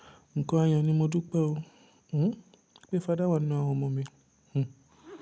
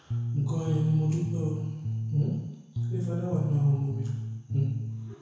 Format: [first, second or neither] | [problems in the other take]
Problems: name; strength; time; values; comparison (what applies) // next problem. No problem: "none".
first | background sound (Bass guitar); 3 dB below the speech // room echo; dies away in 1 s